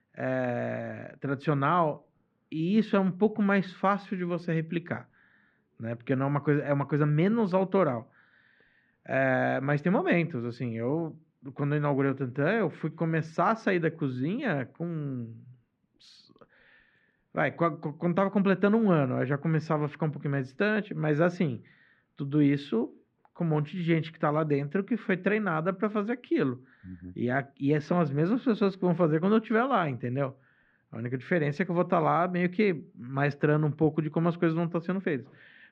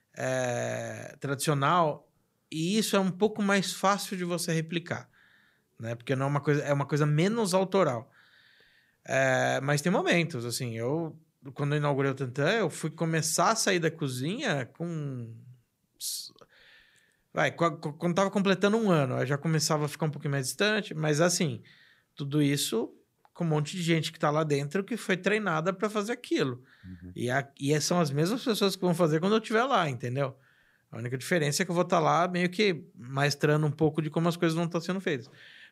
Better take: second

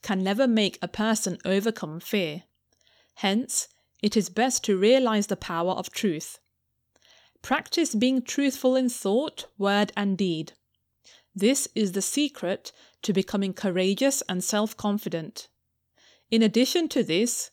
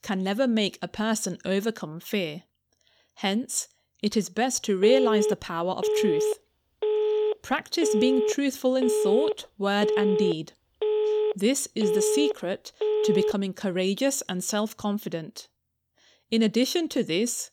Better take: first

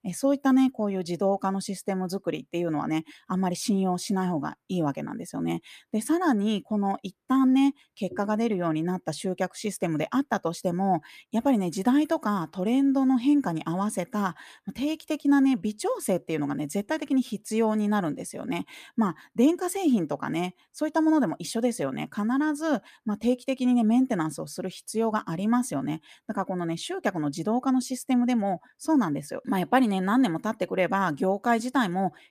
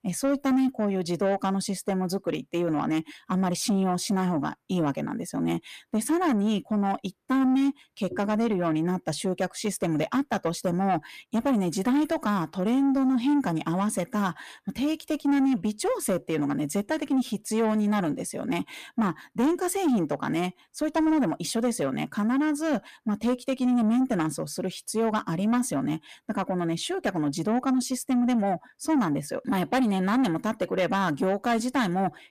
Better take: first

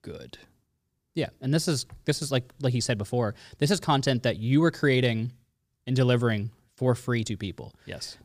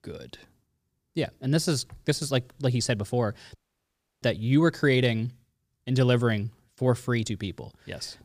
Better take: first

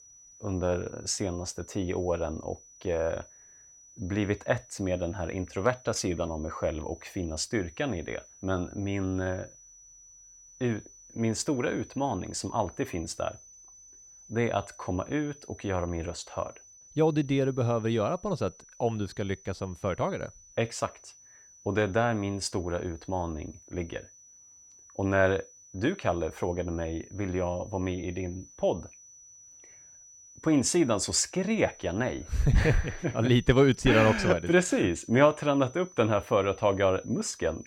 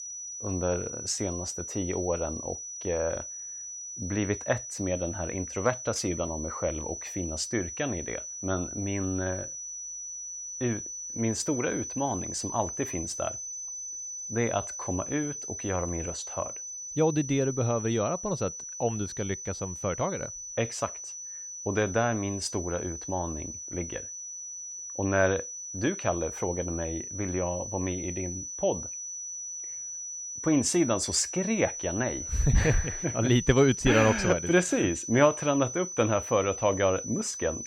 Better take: first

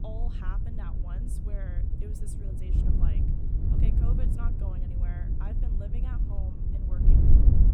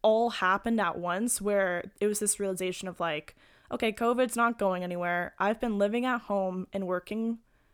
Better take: second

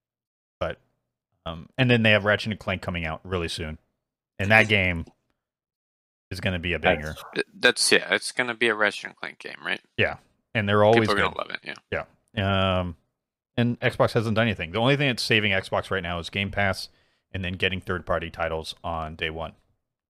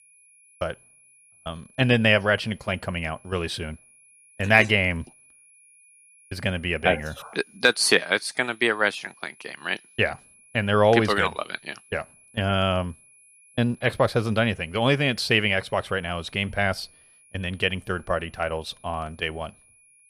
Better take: first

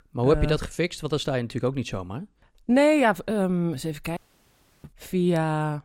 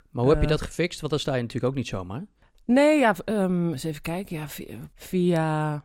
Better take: second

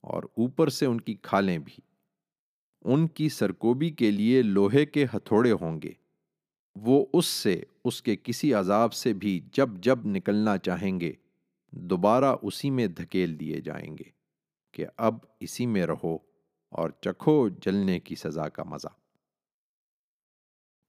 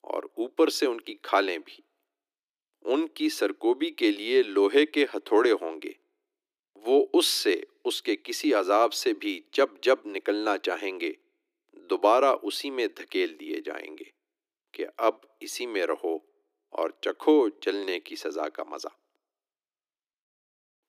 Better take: first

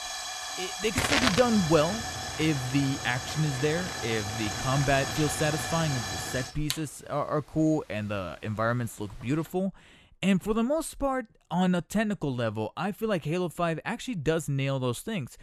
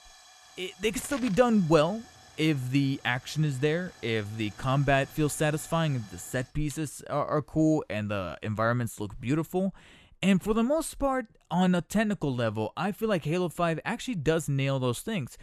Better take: second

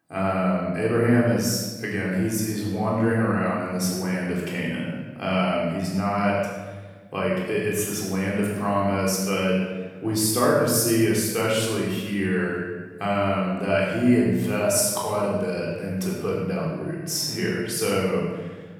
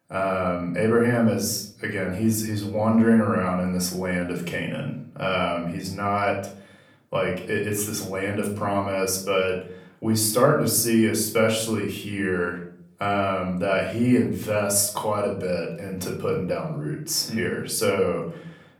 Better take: second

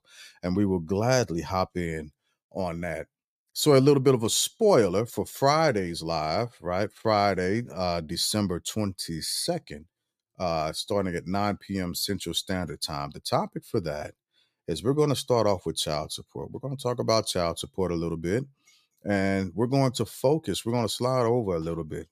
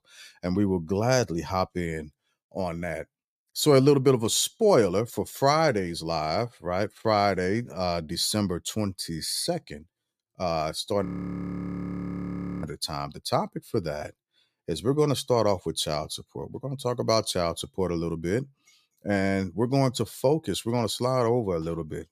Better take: first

